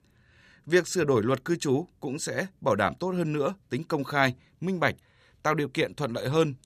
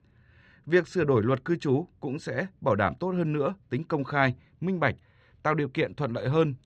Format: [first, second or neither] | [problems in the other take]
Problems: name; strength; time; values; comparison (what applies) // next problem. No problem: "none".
first | muffled; slightly; fading above 3 kHz